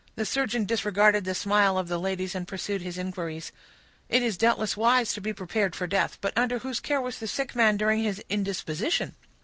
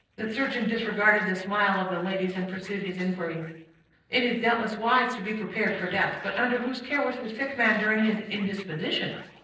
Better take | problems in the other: first | noise reduction (neural separator model SepFormer DNS4)

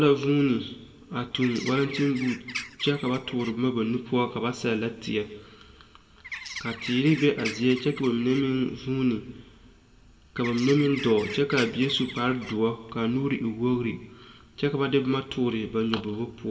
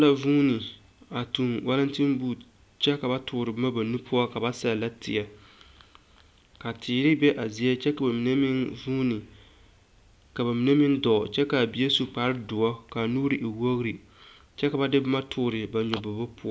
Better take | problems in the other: second | background sound (Bird); 12 dB below the speech // room echo; dies away in 1 s

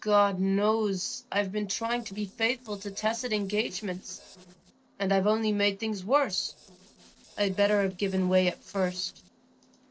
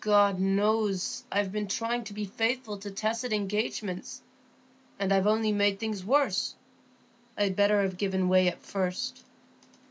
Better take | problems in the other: second | noise reduction (neural separator model SepFormer DNS4)

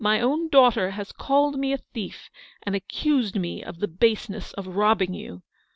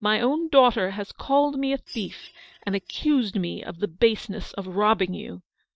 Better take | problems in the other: first | noise reduction (neural mask model DeepFilterNet 3)

